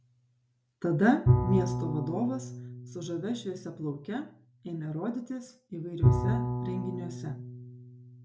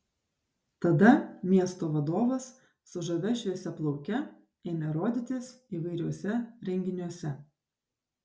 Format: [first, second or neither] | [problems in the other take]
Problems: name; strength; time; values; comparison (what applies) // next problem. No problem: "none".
second | background sound (Bowed string instrument); 1 dB above the speech